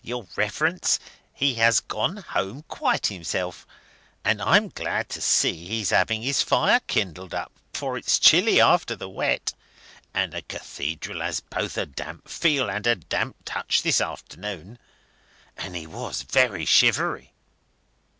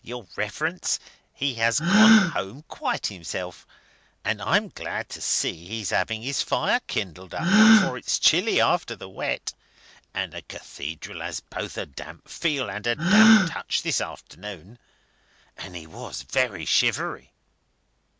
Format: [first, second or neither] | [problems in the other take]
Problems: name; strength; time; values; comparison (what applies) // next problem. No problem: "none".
first | background sound (Gasp); 1 dB above the speech